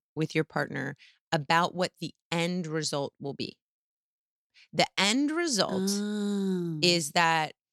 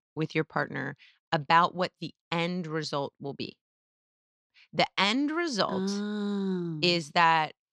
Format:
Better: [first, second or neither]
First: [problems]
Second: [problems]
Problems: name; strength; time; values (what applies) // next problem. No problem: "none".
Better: first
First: none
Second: muffled; very slightly; fading above 3.5 kHz